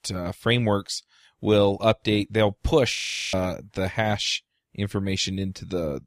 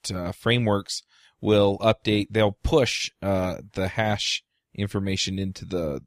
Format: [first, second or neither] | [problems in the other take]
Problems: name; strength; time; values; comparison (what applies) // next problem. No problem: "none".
second | audio freezing; at 3 s